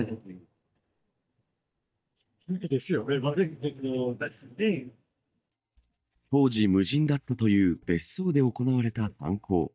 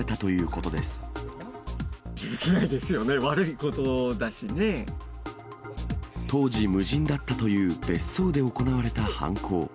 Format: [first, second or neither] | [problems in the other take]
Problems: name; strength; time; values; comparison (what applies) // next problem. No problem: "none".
second | noise reduction (neural mask model DeepFilterNet 3)